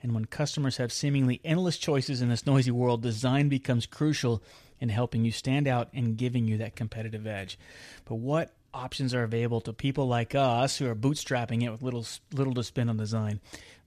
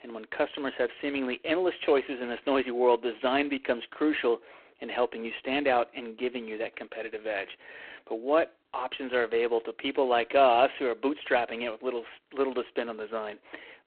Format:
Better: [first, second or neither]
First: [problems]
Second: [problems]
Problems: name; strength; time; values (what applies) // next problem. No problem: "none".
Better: first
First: none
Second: phone-call audio; poor line